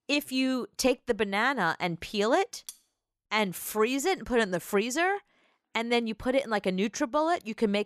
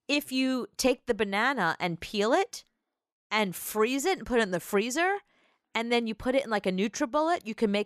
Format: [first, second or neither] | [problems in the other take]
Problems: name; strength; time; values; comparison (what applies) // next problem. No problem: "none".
second | clattering dishes; faint; at 2.5 s; peak 15 dB below the speech